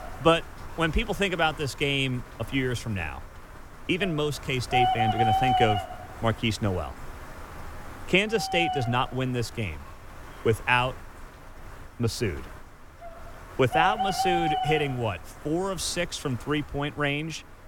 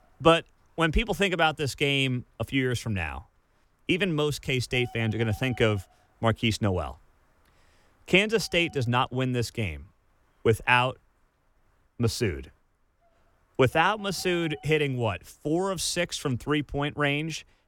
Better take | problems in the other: second | animal sounds; loud; throughout; 3 dB below the speech; faint in the second

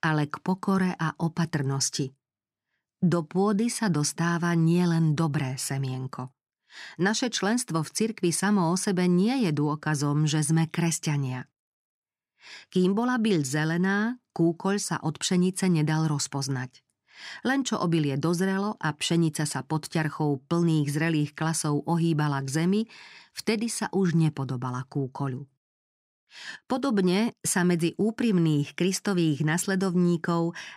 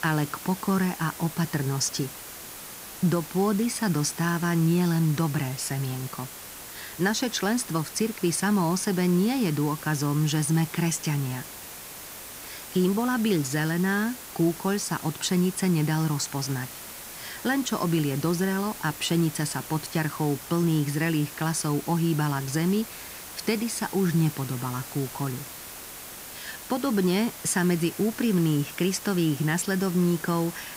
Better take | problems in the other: first | hiss; noticeable; throughout; 10 dB below the speech

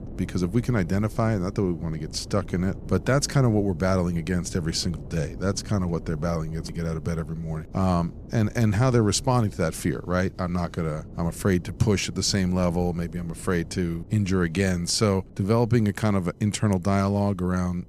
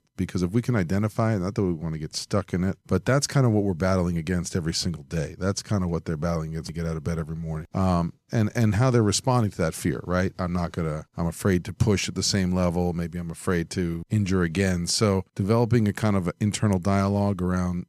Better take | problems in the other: second | wind noise on the microphone; occasional gusts; 20 dB below the speech

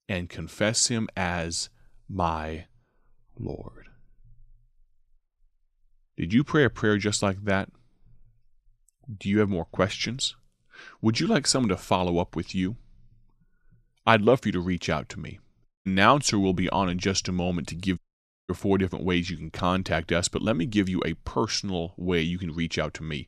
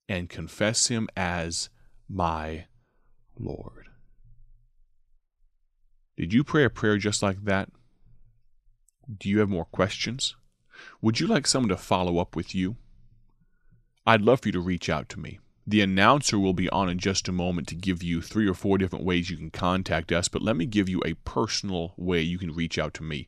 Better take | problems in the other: second | audio cutting out; at 16 s and at 18 s for 0.5 s

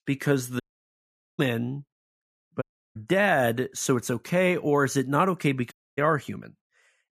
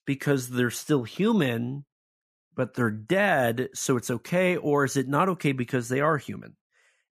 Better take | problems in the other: second | audio cutting out; at 0.5 s for 1 s, at 2.5 s and at 5.5 s

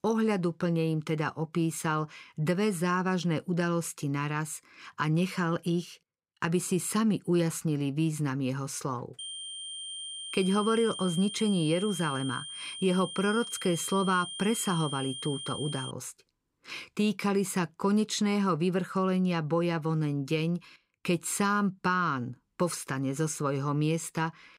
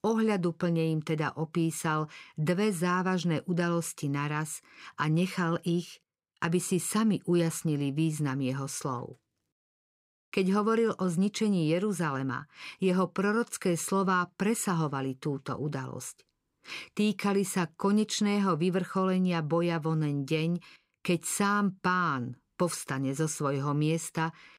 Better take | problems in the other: second | high-pitched whine; loud; from 9 to 16 s; 3 kHz, 8 dB below the speech

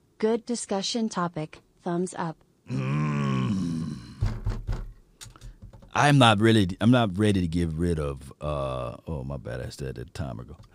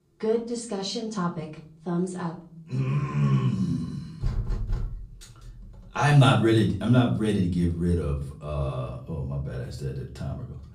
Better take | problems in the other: first | off-mic speech; far // room echo; slight; dies away in 0.5 s

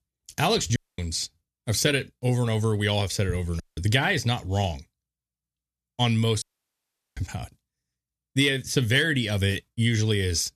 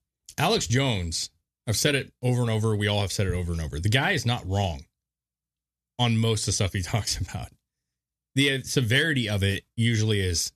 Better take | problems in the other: second | audio cutting out; at 1 s, at 3.5 s and at 6.5 s for 0.5 s

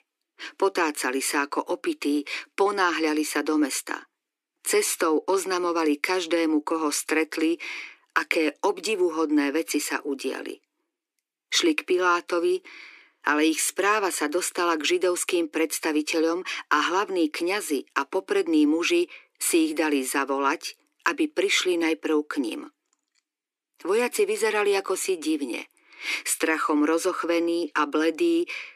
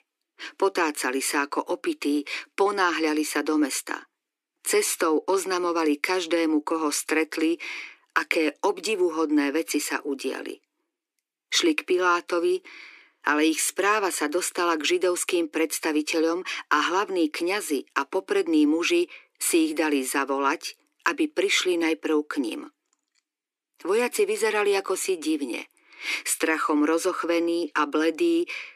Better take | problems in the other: neither | thin; somewhat; fading below 300 Hz; the same in both

